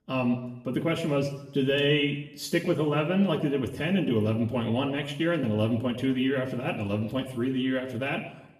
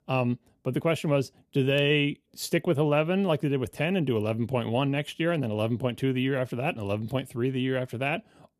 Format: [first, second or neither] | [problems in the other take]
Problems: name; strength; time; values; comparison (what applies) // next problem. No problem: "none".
second | room echo; slight; dies away in 0.8 s // off-mic speech; somewhat distant